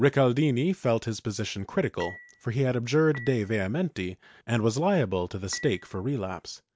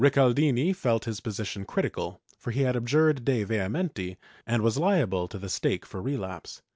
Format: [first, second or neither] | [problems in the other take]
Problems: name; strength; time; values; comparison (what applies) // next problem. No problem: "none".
second | background sound (Dishes, pots, and pans / Chink, clink); 20 dB below the speech